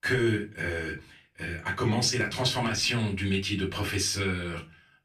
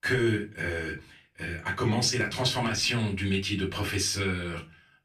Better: neither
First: off-mic speech; far // room echo; very slight; dies away in 0.2 s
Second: off-mic speech; far // room echo; very slight; dies away in 0.2 s

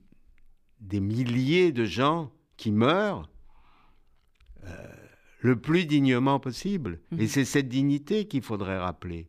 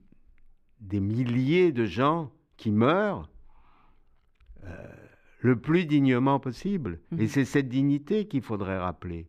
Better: first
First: none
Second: muffled; slightly; fading above 3 kHz

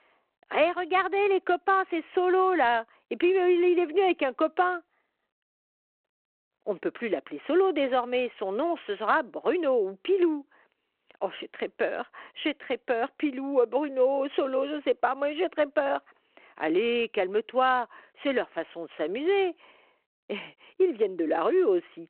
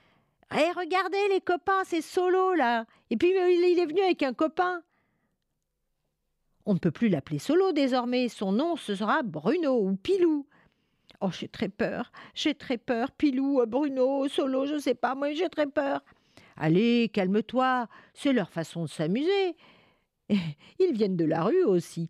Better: second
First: phone-call audio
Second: none

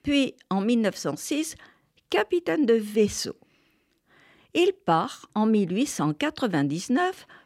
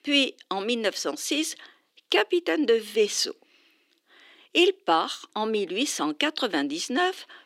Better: first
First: none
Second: thin; very slightly; fading below 300 Hz

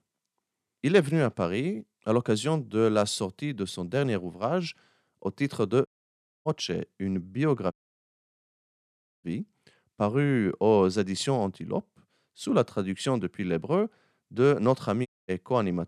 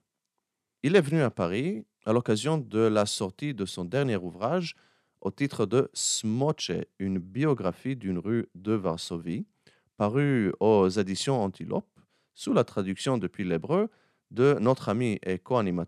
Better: second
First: audio cutting out; at 6 s for 0.5 s, at 7.5 s for 1.5 s and at 15 s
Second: none

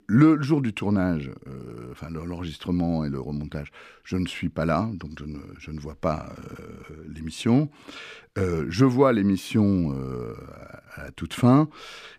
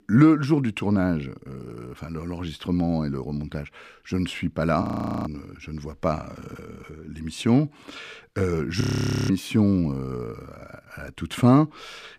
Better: first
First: none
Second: audio freezing; at 5 s and at 9 s

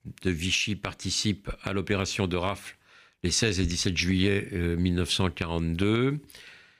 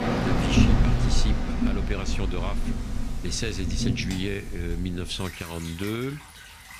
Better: first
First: none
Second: rain or running water; very loud; throughout; 5 dB above the speech

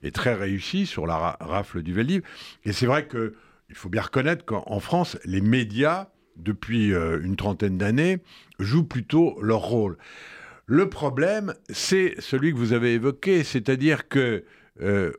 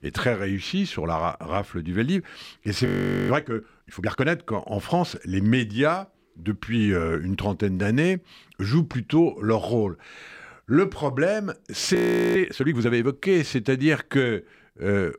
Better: first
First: none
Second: audio freezing; at 3 s and at 12 s

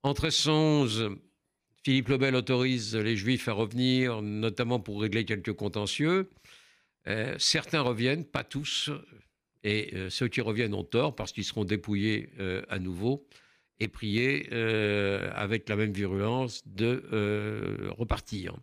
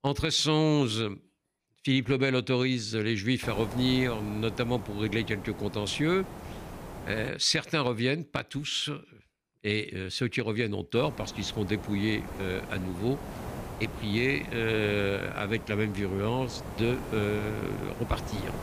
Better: first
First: none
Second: hiss; noticeable; from 3.5 to 7.5 s and from 11 s on; 10 dB below the speech

